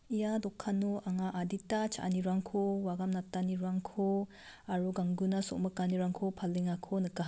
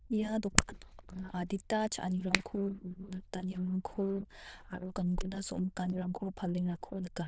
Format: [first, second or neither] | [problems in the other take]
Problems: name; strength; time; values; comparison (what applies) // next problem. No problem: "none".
first | noise reduction (neural diffusion model UNIVERSE++)